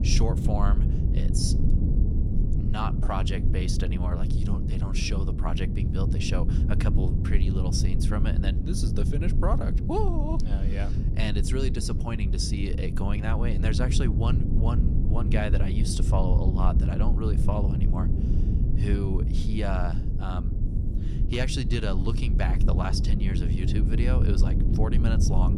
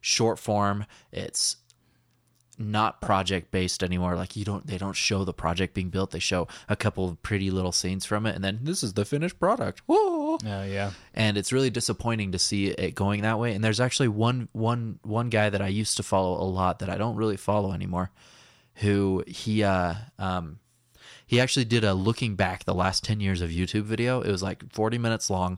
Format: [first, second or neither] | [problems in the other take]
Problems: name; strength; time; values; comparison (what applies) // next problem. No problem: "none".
second | low rumble; loud; throughout; 4 dB below the speech